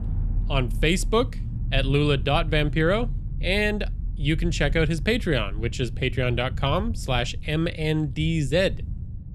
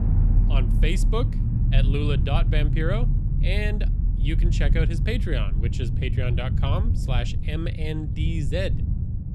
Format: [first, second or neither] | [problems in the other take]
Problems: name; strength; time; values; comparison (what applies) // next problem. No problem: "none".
first | low rumble; loud; throughout; 7 dB below the speech; faint in the first